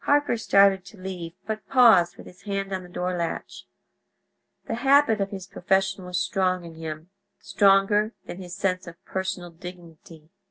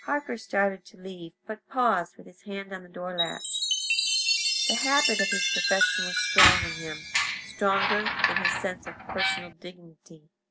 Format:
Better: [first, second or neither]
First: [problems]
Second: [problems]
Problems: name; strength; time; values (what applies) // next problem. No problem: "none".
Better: first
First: none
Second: background sound (Squeak + Chime); 3 dB above the speech